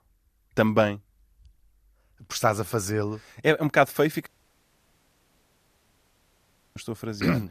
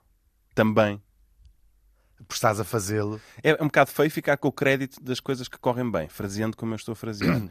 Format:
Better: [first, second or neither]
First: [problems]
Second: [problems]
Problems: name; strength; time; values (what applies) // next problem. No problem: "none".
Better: second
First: audio cutting out; at 4.5 s for 2.5 s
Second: none